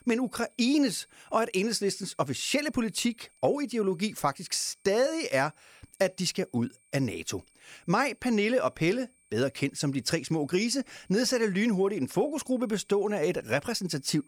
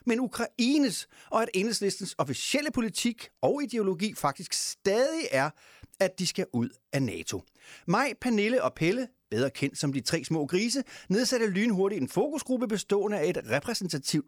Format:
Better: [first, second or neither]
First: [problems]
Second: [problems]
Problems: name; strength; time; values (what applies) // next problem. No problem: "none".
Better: second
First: high-pitched whine; faint; throughout; 8.5 kHz, 35 dB below the speech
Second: none